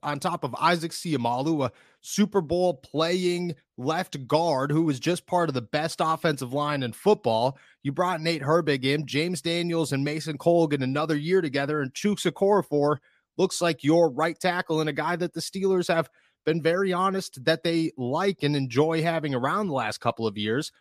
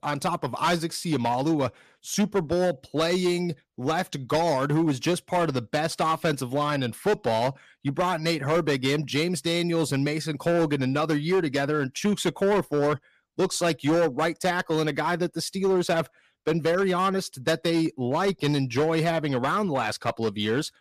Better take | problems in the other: first | distortion; slight; 9% of the sound clipped

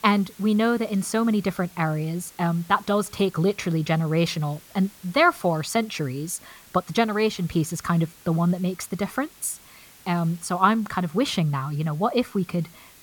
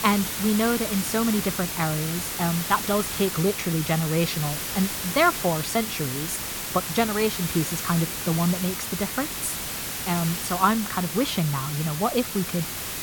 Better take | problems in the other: first | hiss; loud; throughout; 3 dB below the speech; faint in the first

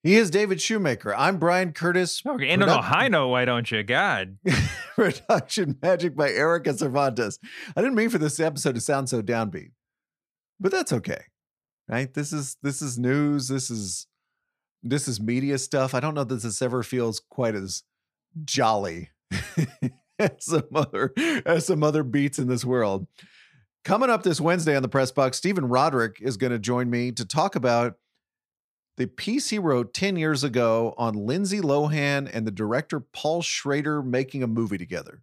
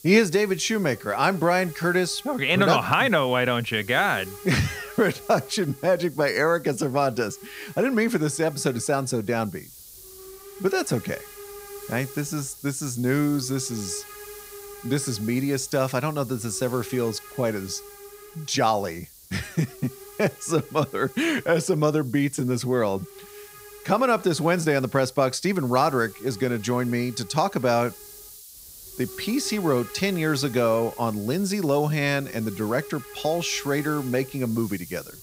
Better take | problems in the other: first | hiss; noticeable; throughout; 15 dB below the speech

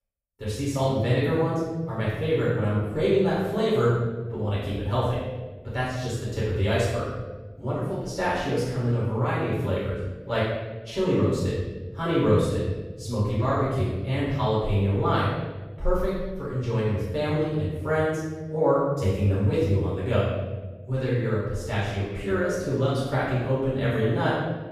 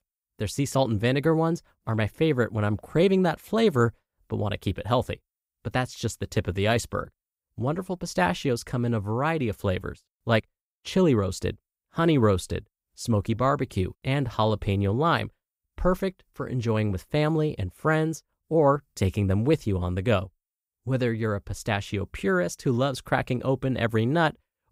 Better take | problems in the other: second | room echo; strong; dies away in 1.2 s // off-mic speech; far

